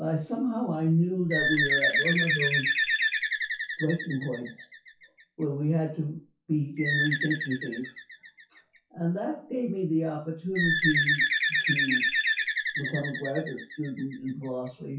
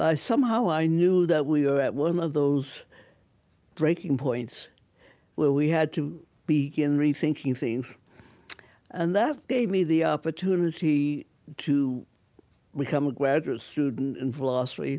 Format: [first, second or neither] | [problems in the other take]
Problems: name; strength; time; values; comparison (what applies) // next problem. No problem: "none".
second | noise reduction (classical method WPE with log-MMSE)